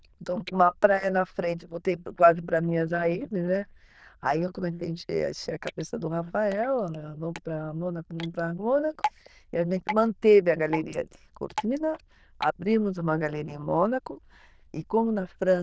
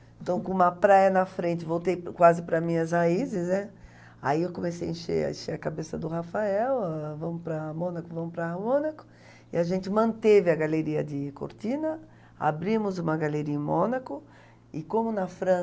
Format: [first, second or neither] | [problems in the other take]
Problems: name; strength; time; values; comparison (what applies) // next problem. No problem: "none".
second | noise reduction (neural diffusion model UNIVERSE++)